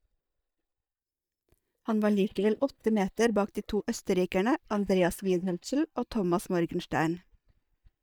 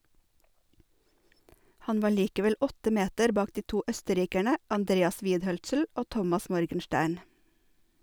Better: second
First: noise reduction (neural mask model DeepFilterNet 3)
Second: none

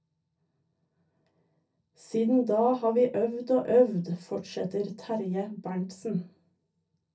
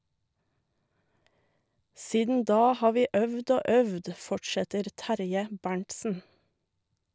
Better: second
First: room echo; dies away in 0.3 s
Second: none

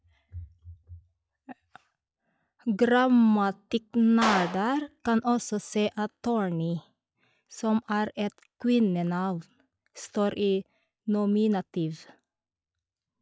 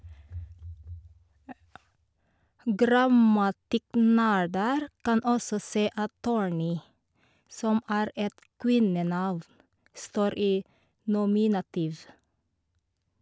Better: second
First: noise reduction (classical method log-MMSE)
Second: none

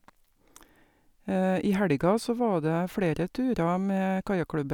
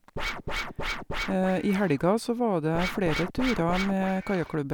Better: first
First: none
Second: background sound (Scratching (performance technique)); 6 dB below the speech

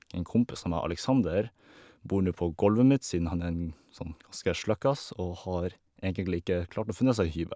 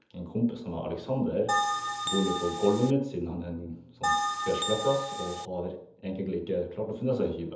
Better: first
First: none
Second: background sound (Bell); as loud as the speech // room echo; dies away in 0.7 s

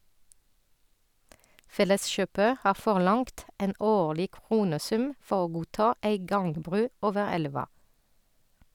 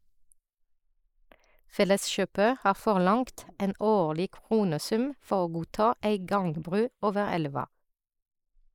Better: first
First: none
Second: noise reduction (neural mask model Resemble Enhance denoiser)

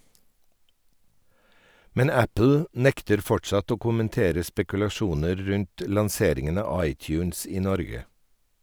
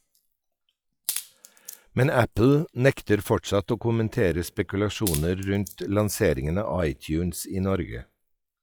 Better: first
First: none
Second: noise reduction (classical method log-MMSE)

